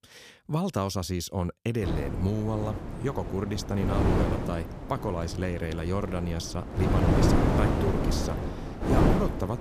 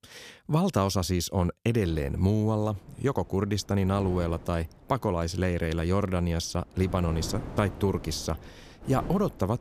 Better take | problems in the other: second | wind noise on the microphone; heavy; from 2 s on; 1 dB above the speech; occasional gusts in the second

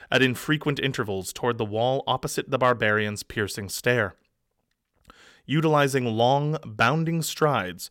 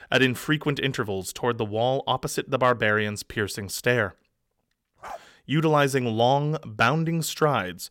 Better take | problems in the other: first | dog barking; faint; at 5 s; peak 15 dB below the speech

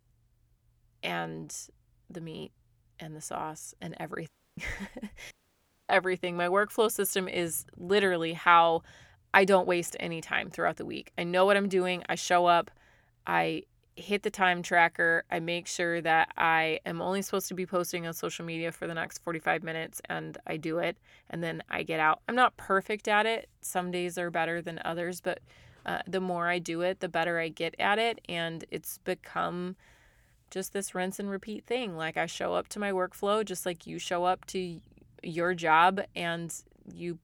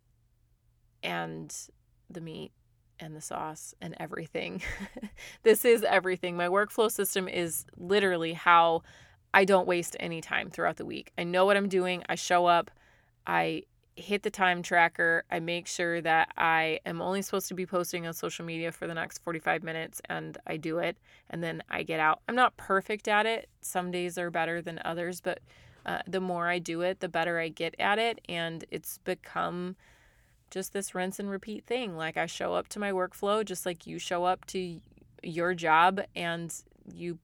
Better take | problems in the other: second | audio cutting out; at 4.5 s and at 5.5 s for 0.5 s

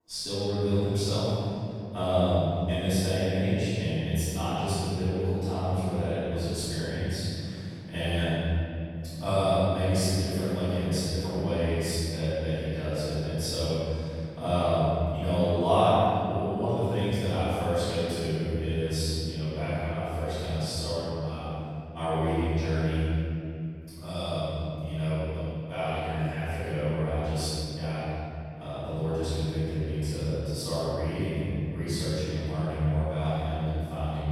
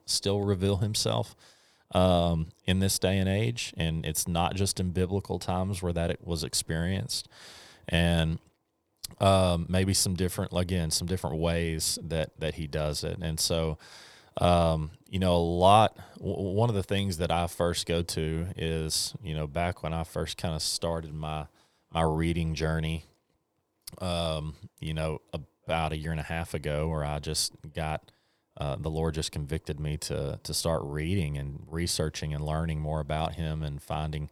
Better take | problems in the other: second | room echo; strong; dies away in 3 s // off-mic speech; far

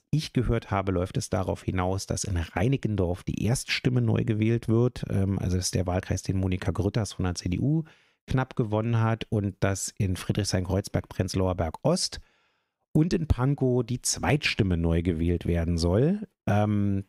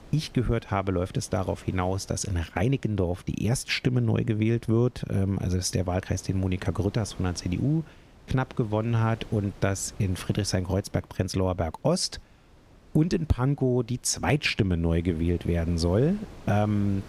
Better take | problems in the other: first | wind noise on the microphone; occasional gusts; 25 dB below the speech

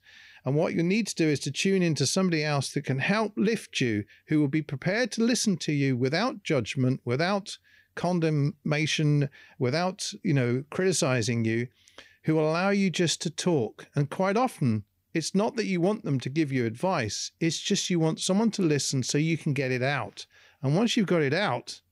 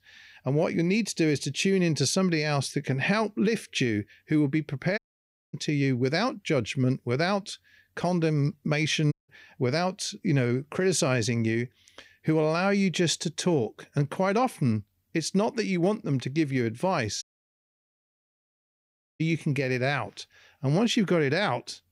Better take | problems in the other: first | audio cutting out; at 5 s for 0.5 s, at 9 s and at 17 s for 2 s

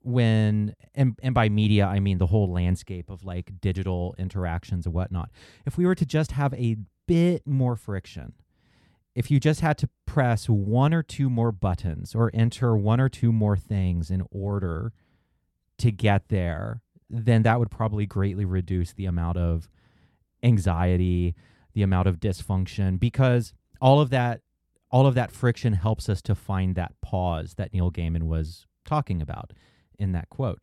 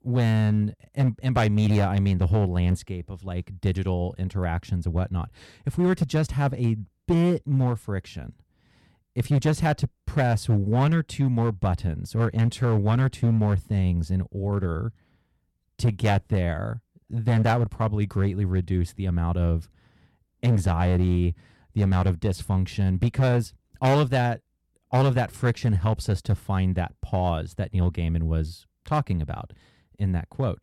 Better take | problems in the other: first | distortion; slight; 5% of the sound clipped

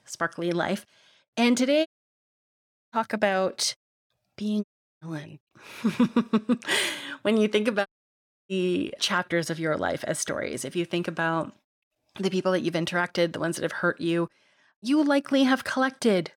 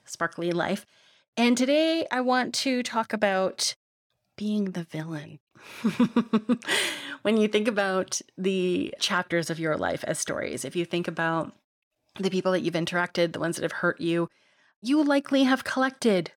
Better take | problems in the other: second | audio cutting out; at 2 s for 1 s, at 4.5 s and at 8 s for 0.5 s

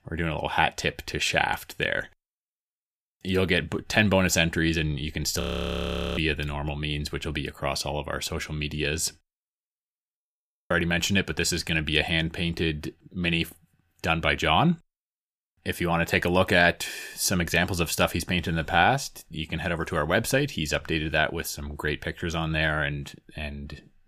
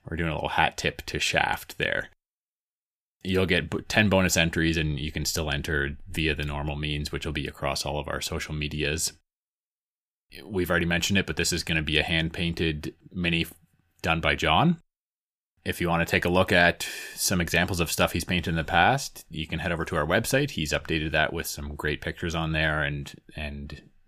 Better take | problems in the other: second | audio freezing; at 5.5 s for 1 s and at 10 s for 0.5 s

